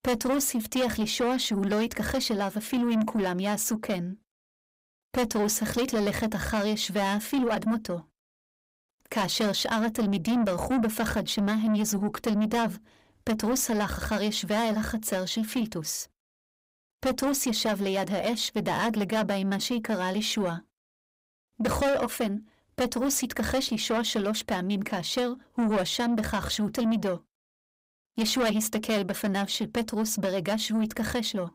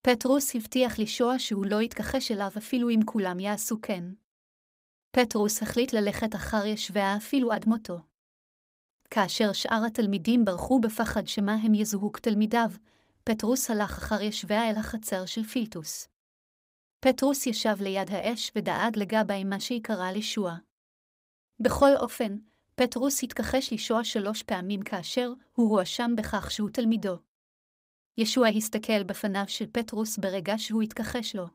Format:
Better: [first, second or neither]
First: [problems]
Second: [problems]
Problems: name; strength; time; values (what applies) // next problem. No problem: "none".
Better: second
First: distortion; heavy; 8 dB below the speech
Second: none